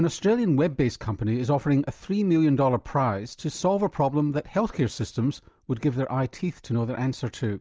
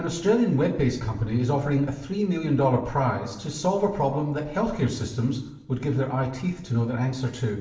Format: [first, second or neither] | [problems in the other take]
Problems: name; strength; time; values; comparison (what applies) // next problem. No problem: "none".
first | room echo; dies away in 0.9 s